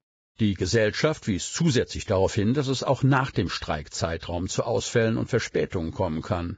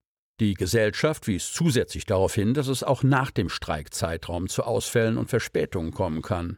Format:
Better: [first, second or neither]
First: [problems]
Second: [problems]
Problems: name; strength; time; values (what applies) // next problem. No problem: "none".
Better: second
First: garbled, watery; badly; nothing above 7.5 kHz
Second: none